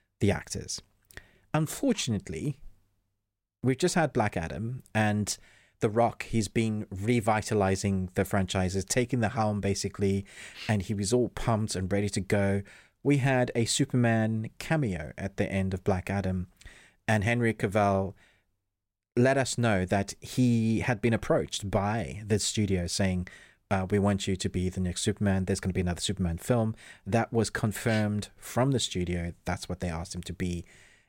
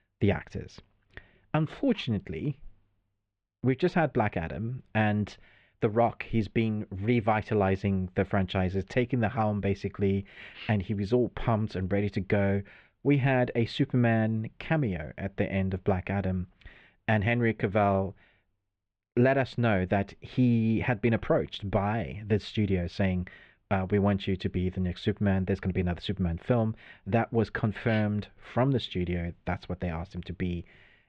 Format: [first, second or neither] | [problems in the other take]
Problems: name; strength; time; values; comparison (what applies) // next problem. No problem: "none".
first | muffled; very; fading above 3 kHz